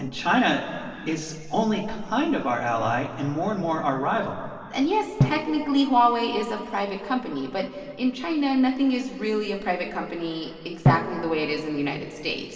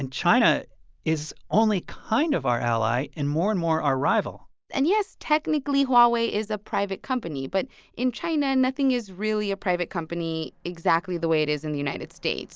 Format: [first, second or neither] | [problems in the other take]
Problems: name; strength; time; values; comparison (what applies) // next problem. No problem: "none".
second | background sound (Drum); 9 dB below the speech // room echo; dies away in 2.5 s